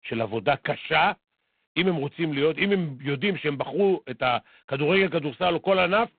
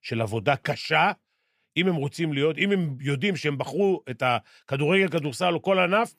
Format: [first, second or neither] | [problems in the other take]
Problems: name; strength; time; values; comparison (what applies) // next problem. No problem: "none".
second | phone-call audio; poor line